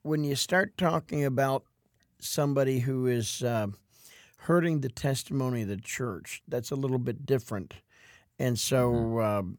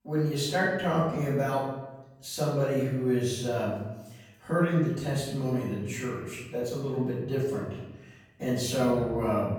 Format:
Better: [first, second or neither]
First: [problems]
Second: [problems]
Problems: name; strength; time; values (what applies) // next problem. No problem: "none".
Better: first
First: none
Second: off-mic speech; far // room echo; noticeable; dies away in 0.9 s